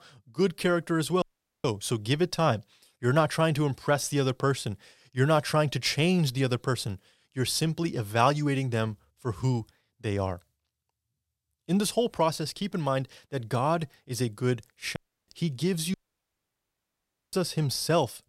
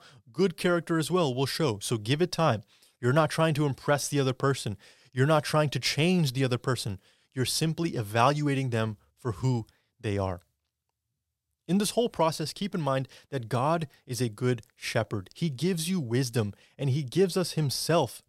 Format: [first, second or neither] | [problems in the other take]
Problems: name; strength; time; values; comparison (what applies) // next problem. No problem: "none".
second | audio cutting out; at 1 s, at 15 s and at 16 s for 1.5 s